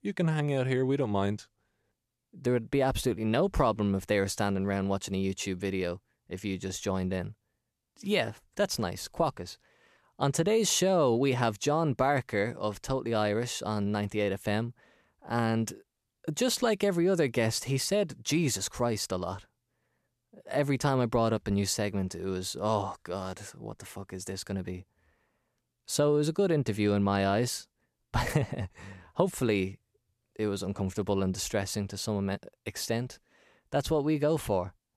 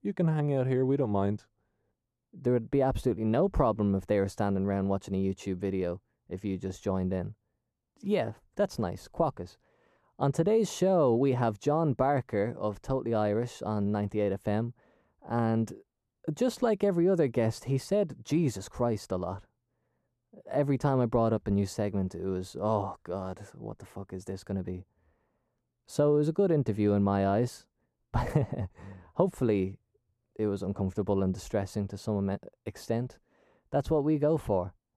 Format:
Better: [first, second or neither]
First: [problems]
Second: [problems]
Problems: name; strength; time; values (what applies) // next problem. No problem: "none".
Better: first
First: none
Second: muffled; slightly; fading above 1.5 kHz